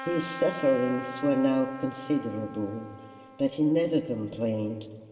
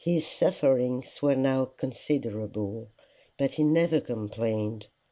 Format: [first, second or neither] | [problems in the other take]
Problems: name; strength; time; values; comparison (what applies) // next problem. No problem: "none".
second | background sound (Trumpet); 13 dB below the speech // room echo; dies away in 2.3 s